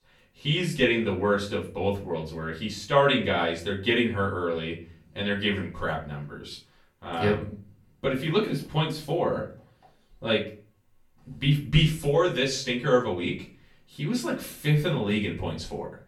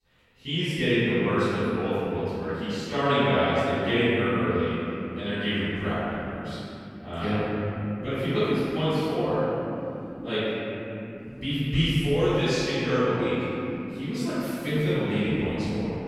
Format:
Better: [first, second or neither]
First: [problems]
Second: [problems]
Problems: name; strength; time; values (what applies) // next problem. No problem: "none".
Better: first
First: room echo; slight; dies away in 0.3 s // off-mic speech; far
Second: room echo; strong; dies away in 3 s // off-mic speech; far